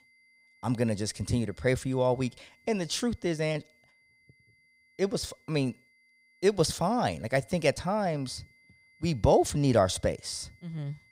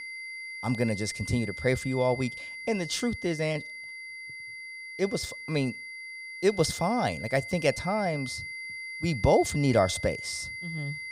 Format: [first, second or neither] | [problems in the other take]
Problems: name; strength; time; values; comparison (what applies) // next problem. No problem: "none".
first | high-pitched whine; loud; throughout; 2 kHz, 9 dB below the speech; faint in the first